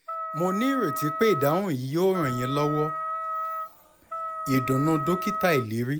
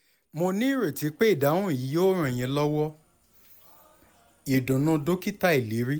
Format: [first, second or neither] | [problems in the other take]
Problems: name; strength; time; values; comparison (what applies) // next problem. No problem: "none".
second | background sound (Wind instrument, woodwind instrument); 6 dB below the speech